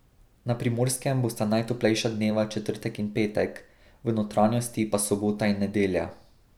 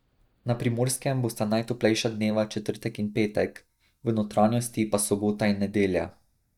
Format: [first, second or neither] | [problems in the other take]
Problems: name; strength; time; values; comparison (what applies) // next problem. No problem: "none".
first | noise reduction (neural mask model DeepFilterNet 3)